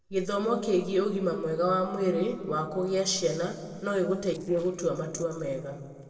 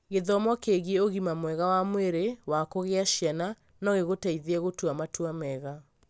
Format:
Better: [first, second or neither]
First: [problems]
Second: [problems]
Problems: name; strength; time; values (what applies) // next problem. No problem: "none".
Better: second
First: noise reduction (neural separator model SepFormer DNS4)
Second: none